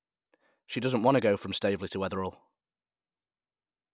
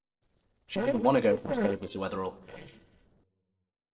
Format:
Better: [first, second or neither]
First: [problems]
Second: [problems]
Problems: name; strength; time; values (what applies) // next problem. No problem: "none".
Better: first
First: none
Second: noise reduction (neural separator model SepFormer DNS4)